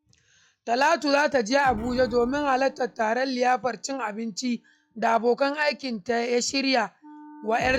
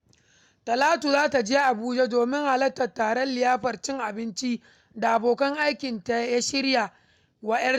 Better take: second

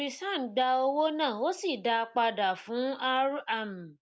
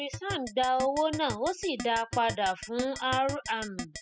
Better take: first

